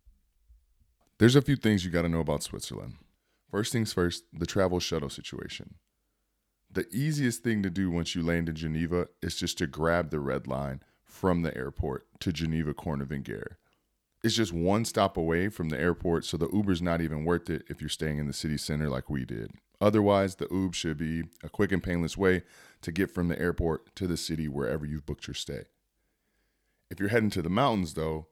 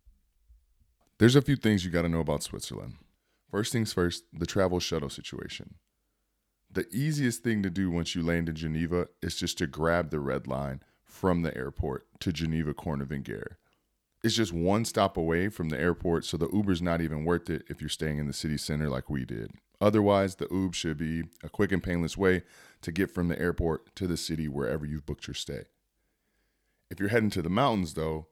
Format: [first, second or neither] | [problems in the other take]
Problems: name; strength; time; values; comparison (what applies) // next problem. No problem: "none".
neither | none